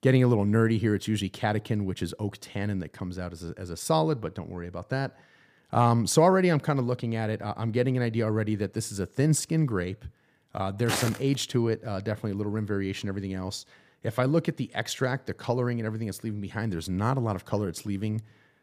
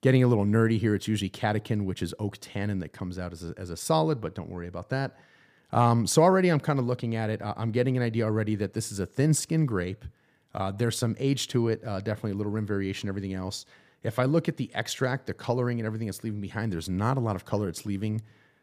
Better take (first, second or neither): second